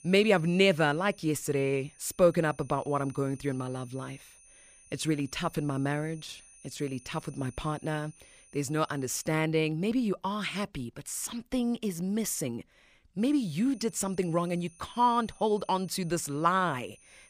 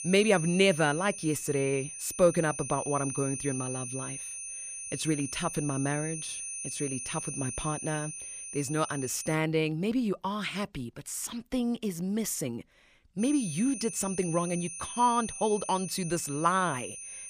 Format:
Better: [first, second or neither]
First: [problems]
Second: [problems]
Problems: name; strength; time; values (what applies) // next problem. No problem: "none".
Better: first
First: high-pitched whine; faint; until 9.5 s and from 13 s on; 9.5 kHz, 25 dB below the speech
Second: high-pitched whine; loud; until 9.5 s and from 13 s on; 9.5 kHz, 7 dB below the speech